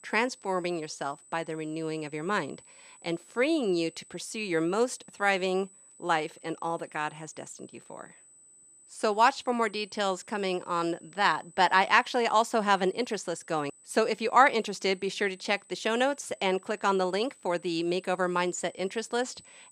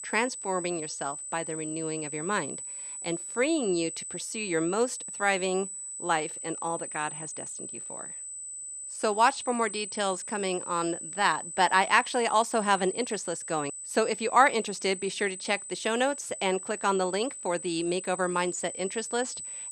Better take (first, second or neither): first